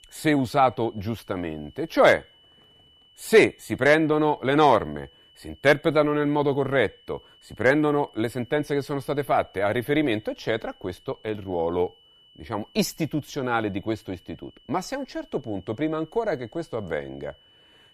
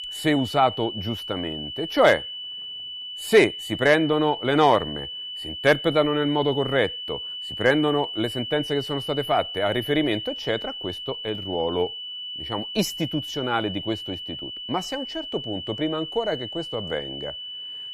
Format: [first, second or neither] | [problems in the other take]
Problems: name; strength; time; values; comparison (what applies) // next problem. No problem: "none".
first | high-pitched whine; loud; throughout; 3 kHz, 8 dB below the speech; faint in the first